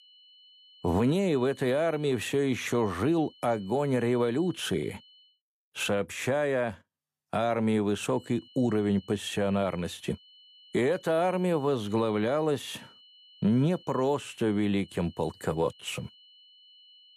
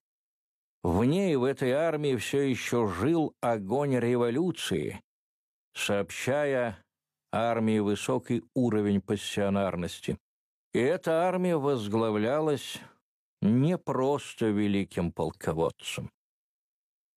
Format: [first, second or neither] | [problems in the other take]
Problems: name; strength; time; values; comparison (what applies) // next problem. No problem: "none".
second | high-pitched whine; faint; until 5.5 s and from 8 s on; 3 kHz, 25 dB below the speech